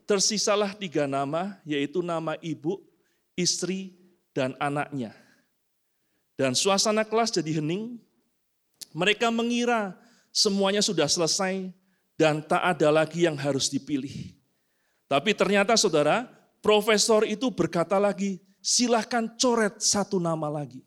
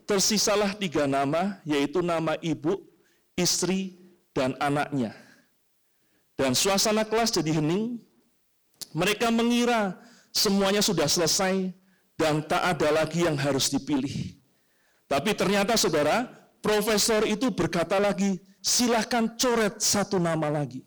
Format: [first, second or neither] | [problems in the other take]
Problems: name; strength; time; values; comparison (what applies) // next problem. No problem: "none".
first | distortion; heavy; 22% of the sound clipped